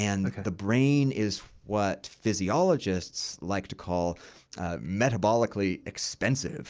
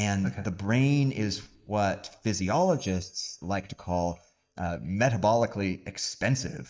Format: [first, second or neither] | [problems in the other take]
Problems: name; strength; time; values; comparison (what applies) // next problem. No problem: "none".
first | noise reduction (neural mask model DeepFilterNet 3)